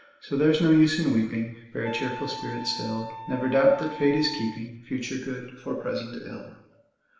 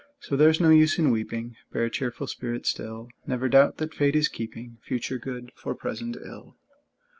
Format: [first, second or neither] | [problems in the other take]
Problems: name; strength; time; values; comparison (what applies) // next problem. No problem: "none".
second | background sound (Wind instrument, woodwind instrument); 13 dB below the speech // room echo; dies away in 0.9 s